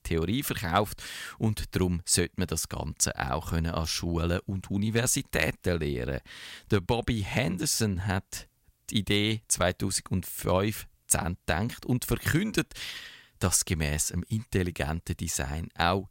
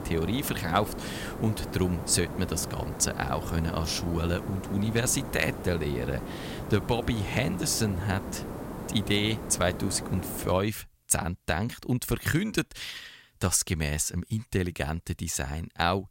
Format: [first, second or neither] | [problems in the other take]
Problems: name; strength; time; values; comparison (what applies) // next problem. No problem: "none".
first | hiss; loud; until 11 s; 9 dB below the speech